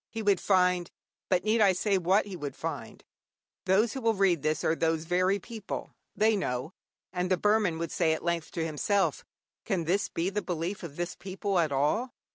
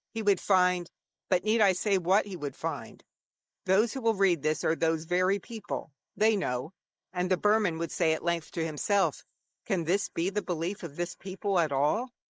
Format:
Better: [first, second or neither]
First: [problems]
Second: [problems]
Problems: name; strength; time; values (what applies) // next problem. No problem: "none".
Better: first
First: none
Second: noise reduction (neural mask model Resemble Enhance denoiser)